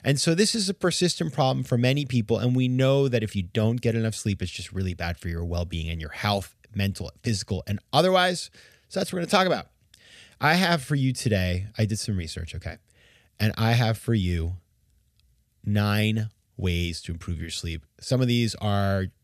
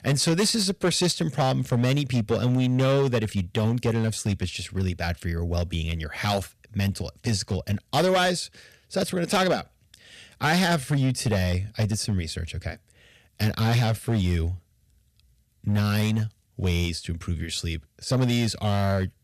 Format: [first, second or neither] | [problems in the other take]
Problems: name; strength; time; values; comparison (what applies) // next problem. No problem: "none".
first | distortion; slight; 8% of the sound clipped